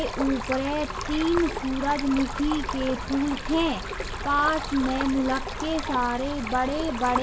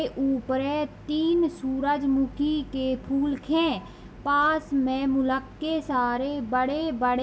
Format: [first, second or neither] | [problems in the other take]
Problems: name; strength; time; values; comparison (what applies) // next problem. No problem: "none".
second | background sound (Stream); 6 dB below the speech